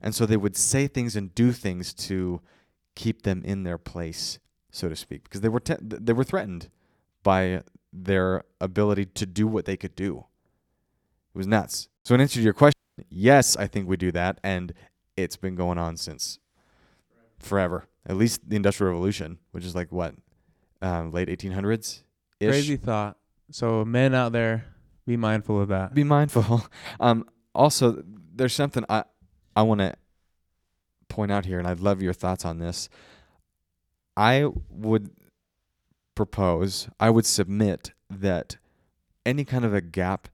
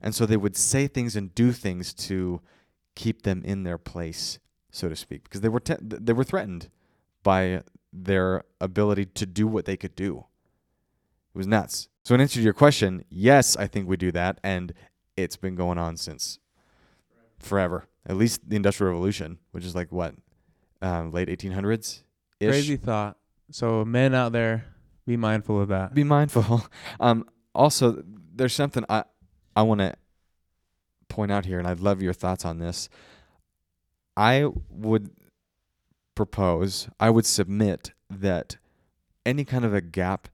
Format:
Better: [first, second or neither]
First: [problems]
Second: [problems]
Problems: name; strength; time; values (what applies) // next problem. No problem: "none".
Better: second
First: audio cutting out; at 13 s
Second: none